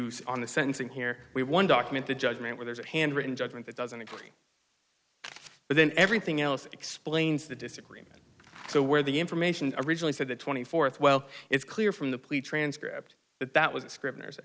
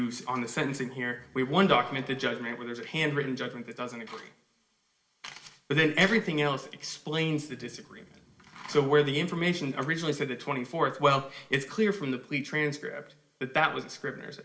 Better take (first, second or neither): first